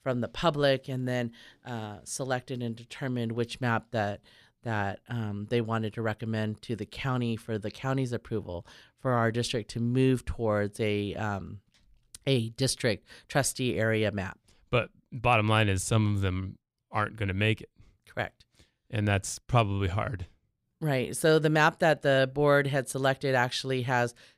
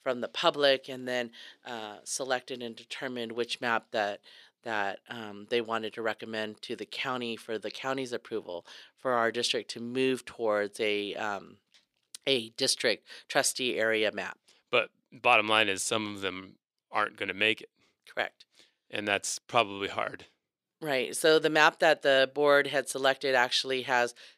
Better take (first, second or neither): first